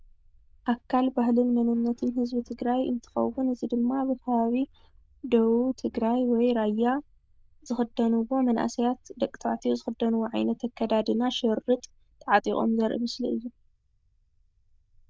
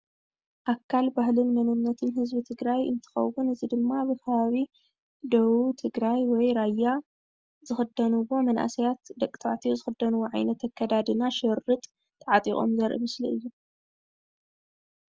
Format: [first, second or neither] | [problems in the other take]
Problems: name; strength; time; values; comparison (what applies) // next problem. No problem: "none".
second | noise reduction (neural diffusion model UNIVERSE++)